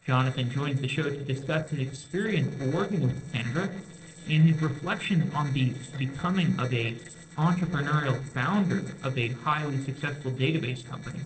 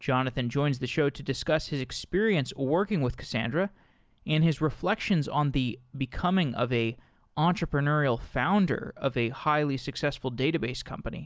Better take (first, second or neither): second